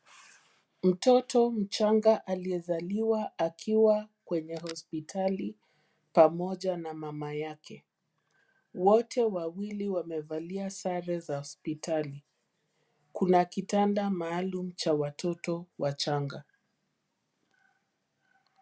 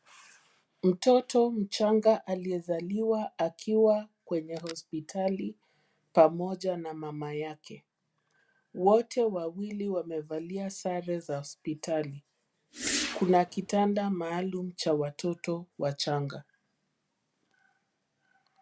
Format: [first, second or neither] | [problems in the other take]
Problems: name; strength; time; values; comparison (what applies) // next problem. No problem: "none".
first | background sound (Whoosh, swoosh, swish); 6 dB below the speech